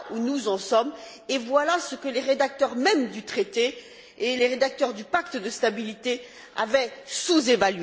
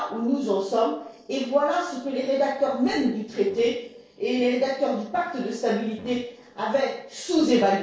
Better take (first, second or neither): first